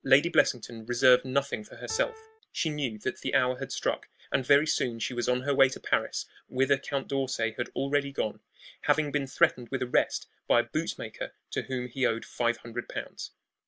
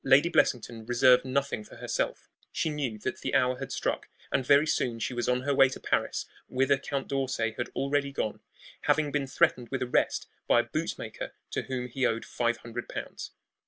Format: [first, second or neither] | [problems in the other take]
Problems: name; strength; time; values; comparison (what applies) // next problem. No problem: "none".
second | background sound (Piano); 16 dB below the speech